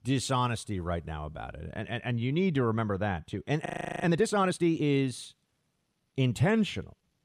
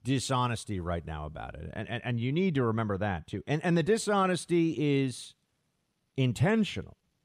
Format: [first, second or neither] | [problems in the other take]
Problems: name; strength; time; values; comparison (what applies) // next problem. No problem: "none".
second | audio freezing; at 3.5 s